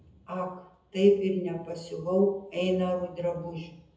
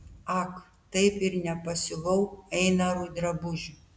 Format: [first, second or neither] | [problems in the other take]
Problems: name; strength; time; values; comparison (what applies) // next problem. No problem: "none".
second | room echo; dies away in 0.7 s